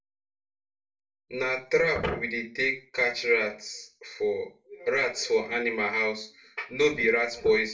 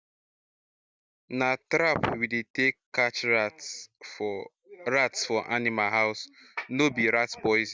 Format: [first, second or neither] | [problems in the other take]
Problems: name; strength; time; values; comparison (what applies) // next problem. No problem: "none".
second | room echo; dies away in 0.3 s